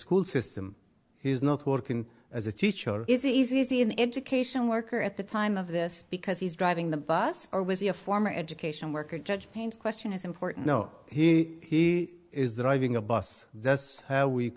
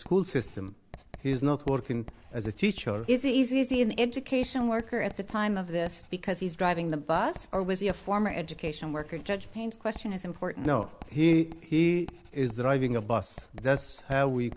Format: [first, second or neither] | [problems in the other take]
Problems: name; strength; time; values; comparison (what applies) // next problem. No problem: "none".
first | background sound (Writing); 18 dB below the speech